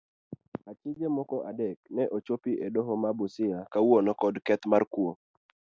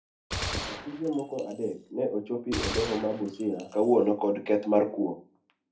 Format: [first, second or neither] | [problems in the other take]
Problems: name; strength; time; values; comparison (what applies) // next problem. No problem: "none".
first | background sound (Gunshot, gunfire); 10 dB below the speech // room echo; dies away in 0.3 s